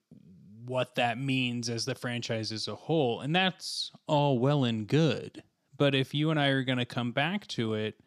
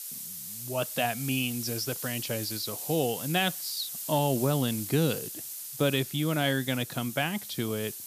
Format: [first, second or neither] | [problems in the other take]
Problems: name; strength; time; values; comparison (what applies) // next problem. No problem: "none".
first | hiss; loud; throughout; 6 dB below the speech